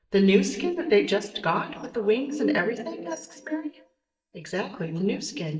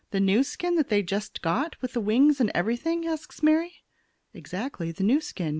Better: second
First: noise reduction (neural mask model DeepFilterNet 3)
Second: none

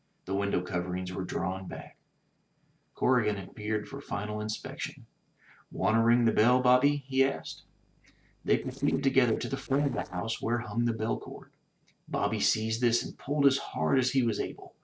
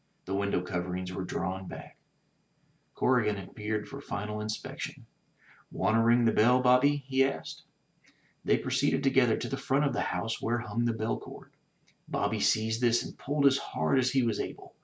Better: second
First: noise reduction (neural separator model SepFormer DNS4)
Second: none

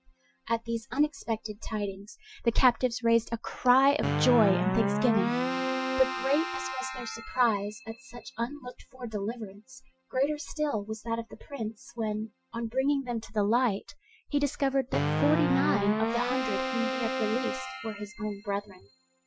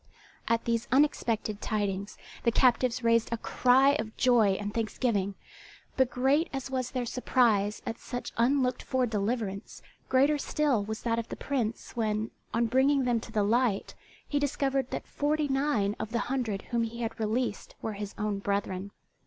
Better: second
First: noise reduction (classical method Wiener filter)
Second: none

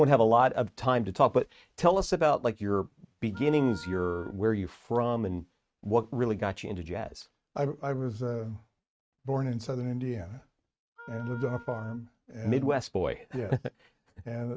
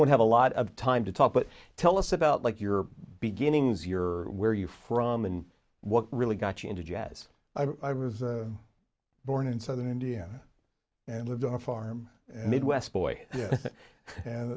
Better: second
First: noise reduction (neural mask model RNNoise)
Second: none

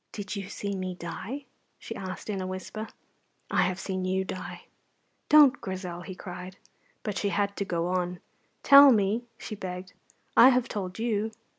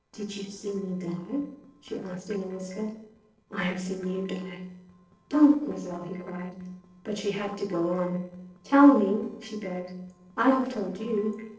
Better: first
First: none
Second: noise reduction (neural separator model SepFormer DNS4)

